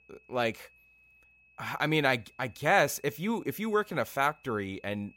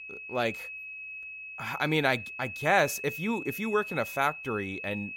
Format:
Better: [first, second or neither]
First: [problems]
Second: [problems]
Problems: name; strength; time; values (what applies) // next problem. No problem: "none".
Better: first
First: high-pitched whine; faint; throughout; 2.5 kHz, 30 dB below the speech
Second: high-pitched whine; loud; throughout; 2.5 kHz, 9 dB below the speech